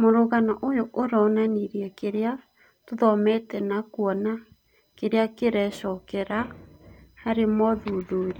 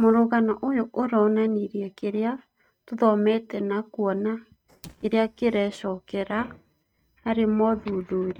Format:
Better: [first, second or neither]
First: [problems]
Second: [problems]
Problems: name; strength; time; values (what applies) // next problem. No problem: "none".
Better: first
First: none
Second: noise reduction (neural mask model RNNoise)